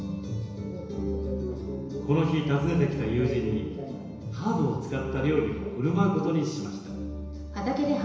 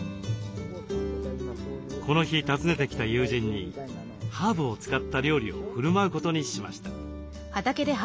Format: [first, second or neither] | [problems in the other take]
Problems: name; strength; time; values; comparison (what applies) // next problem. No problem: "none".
second | room echo; dies away in 1 s